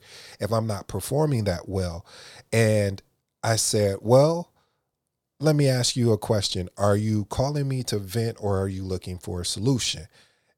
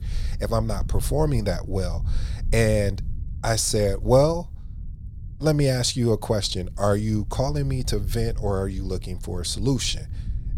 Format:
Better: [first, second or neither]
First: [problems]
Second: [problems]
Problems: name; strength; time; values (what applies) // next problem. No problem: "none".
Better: first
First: none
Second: low rumble; faint; throughout; 25 dB below the speech